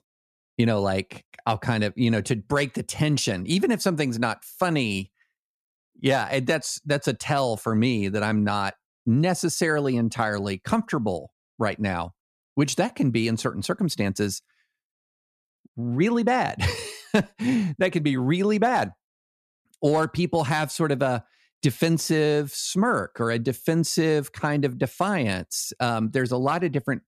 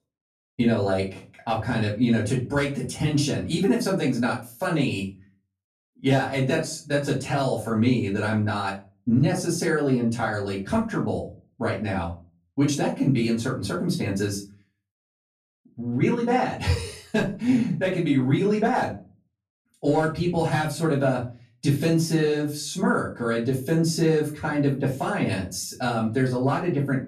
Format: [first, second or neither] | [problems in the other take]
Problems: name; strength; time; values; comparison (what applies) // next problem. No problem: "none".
first | room echo; slight; dies away in 0.3 s // off-mic speech; far